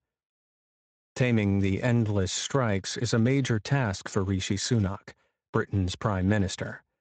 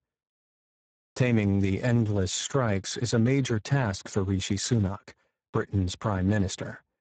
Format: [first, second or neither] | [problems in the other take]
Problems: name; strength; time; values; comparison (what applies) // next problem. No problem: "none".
first | garbled, watery; badly; nothing above 7.5 kHz; slightly in the first